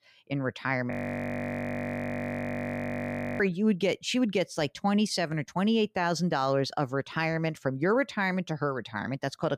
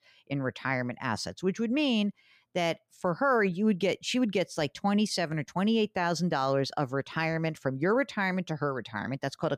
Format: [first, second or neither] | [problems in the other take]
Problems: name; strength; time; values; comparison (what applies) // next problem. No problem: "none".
second | audio freezing; at 1 s for 2.5 s